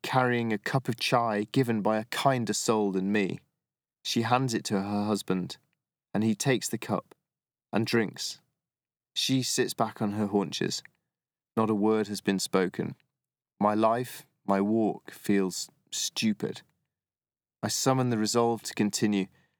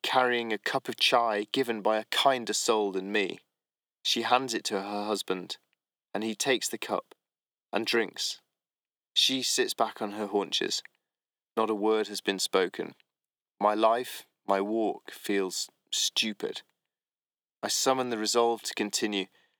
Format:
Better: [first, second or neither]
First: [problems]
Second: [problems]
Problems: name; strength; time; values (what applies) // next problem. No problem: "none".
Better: first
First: none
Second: thin; somewhat; fading below 400 Hz